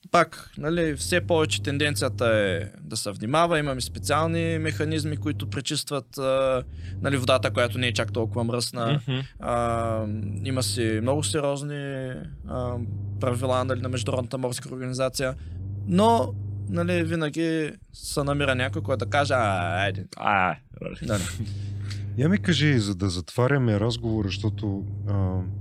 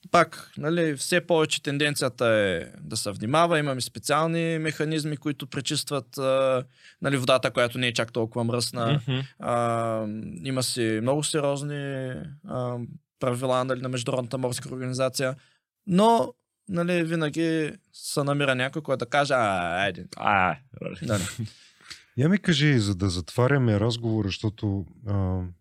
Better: second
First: low rumble; faint; throughout; 20 dB below the speech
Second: none

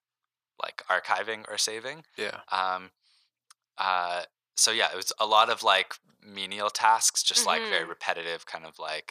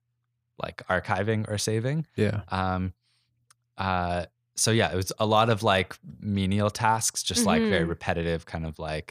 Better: second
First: thin; very; fading below 650 Hz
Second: none

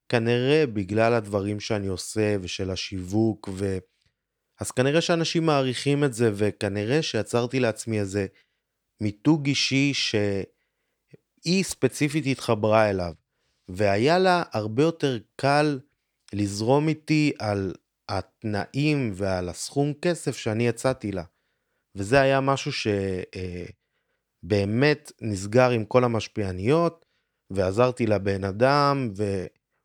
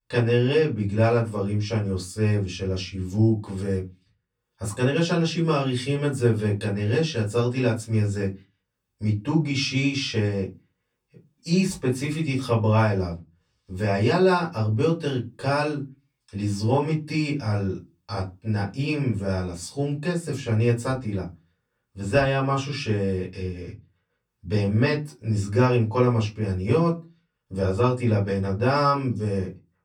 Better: first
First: none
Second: off-mic speech; far // room echo; very slight; dies away in 0.2 s

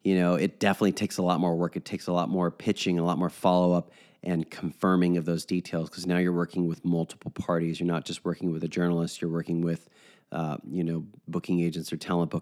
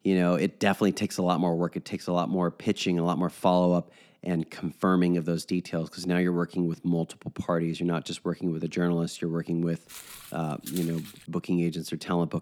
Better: first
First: none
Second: footsteps; faint; from 10 to 11 s; peak 10 dB below the speech

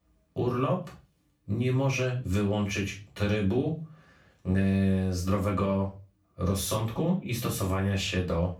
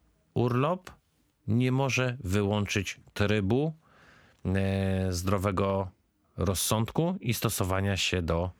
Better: second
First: off-mic speech; far // room echo; slight; dies away in 0.3 s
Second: none

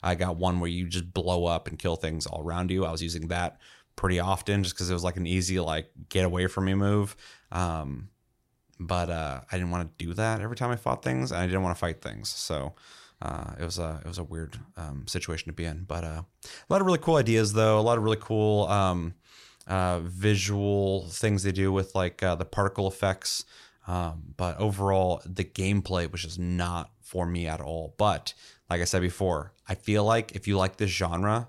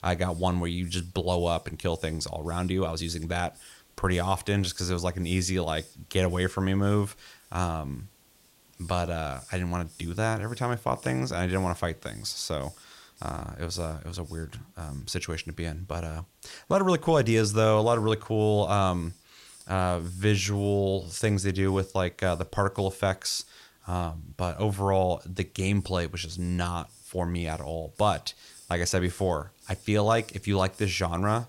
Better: first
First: none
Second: hiss; faint; throughout; 25 dB below the speech

